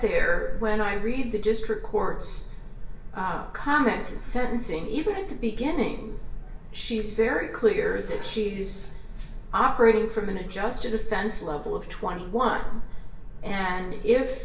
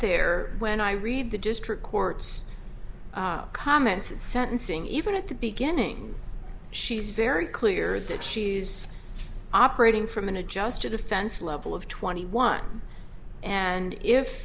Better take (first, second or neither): second